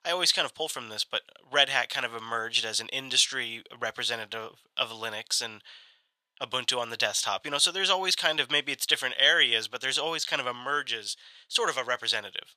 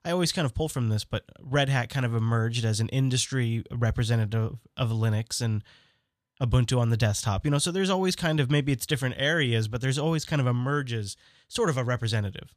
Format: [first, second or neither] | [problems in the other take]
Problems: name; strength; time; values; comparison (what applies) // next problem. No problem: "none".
second | thin; very; fading below 700 Hz